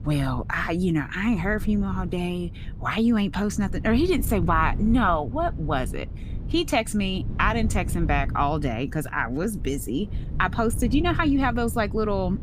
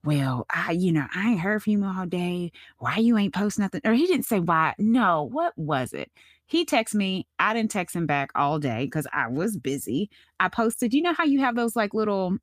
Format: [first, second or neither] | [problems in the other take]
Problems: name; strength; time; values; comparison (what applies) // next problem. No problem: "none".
second | wind noise on the microphone; occasional gusts; 20 dB below the speech